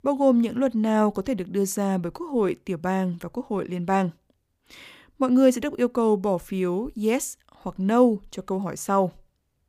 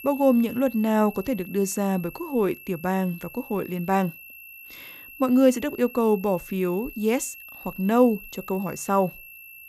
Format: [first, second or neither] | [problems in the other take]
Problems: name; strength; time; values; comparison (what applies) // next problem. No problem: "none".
first | high-pitched whine; noticeable; throughout; 2.5 kHz, 15 dB below the speech